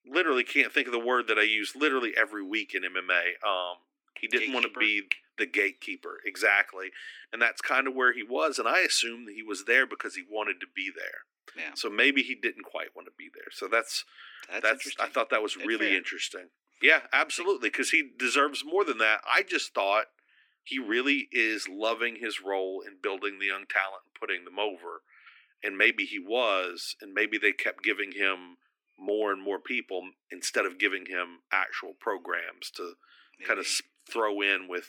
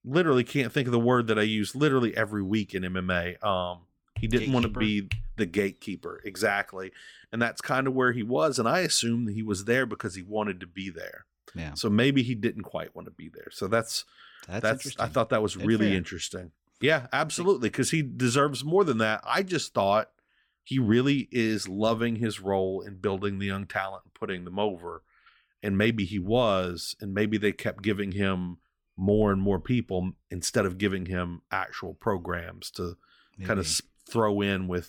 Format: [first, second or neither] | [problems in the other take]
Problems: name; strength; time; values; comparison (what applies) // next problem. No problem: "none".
second | thin; somewhat; fading below 300 Hz